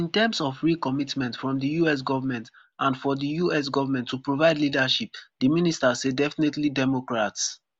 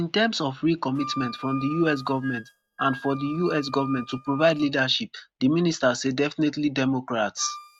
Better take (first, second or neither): first